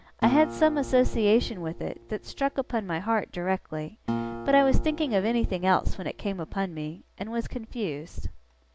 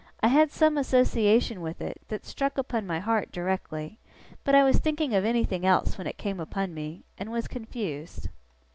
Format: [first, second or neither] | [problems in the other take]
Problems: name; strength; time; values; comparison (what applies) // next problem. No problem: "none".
second | background sound (Acoustic guitar); 12 dB below the speech